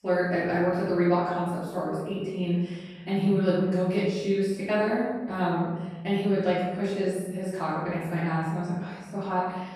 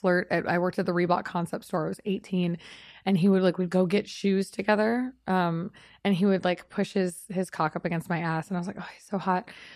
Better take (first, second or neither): second